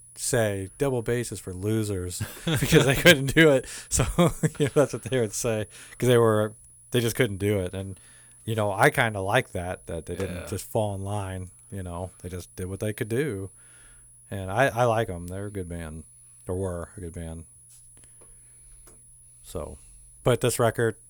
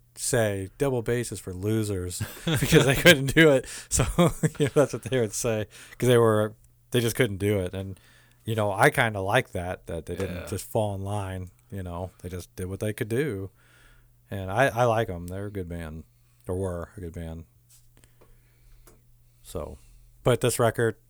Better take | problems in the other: second | high-pitched whine; faint; throughout; 10.5 kHz, 25 dB below the speech

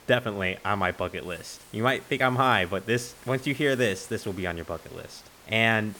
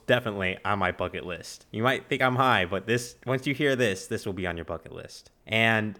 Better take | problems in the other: second | hiss; faint; throughout; 25 dB below the speech

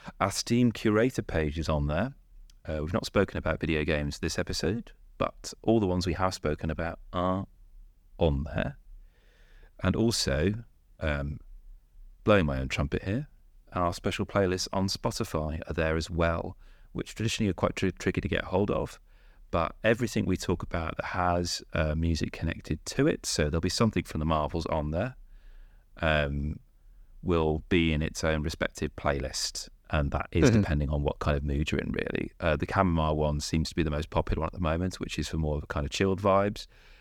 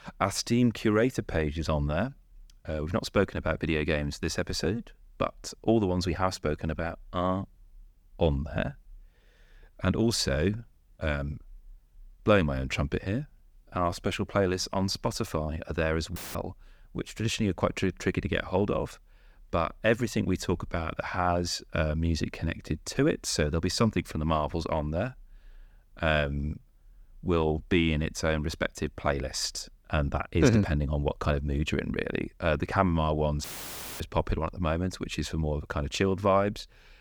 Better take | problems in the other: first | audio cutting out; filled with static; at 16 s and at 33 s for 0.5 s

